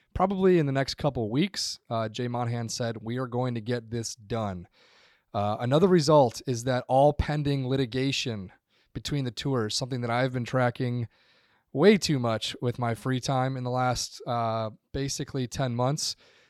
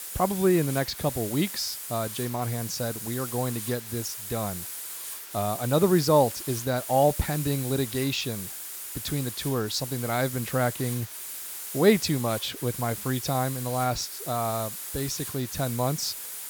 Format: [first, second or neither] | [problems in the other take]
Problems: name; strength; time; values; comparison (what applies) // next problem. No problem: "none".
first | hiss; loud; throughout; 7 dB below the speech